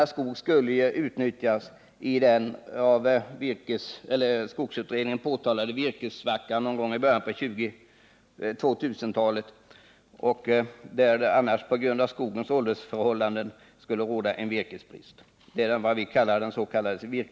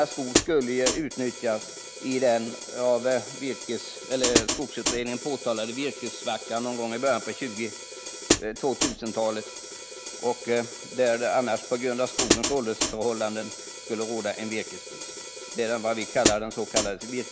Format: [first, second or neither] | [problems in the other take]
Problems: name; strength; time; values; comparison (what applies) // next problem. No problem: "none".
first | background sound (Hi-hat); 3 dB below the speech